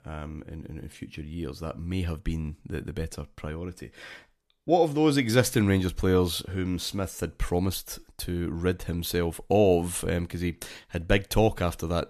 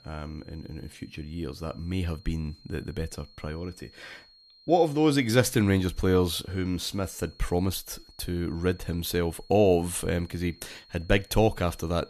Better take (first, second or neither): first